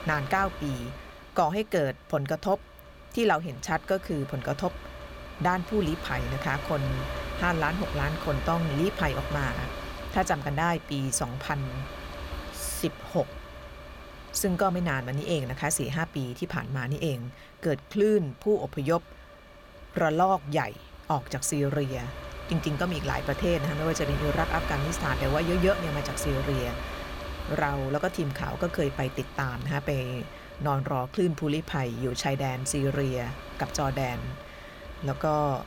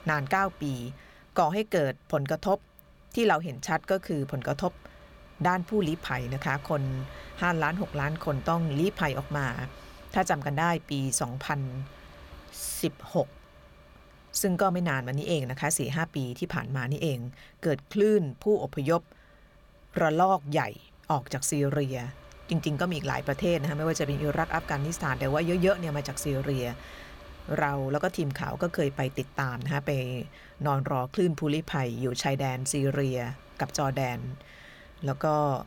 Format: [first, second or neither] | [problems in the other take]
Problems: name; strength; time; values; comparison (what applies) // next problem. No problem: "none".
second | wind noise on the microphone; heavy; 9 dB below the speech; occasional gusts in the second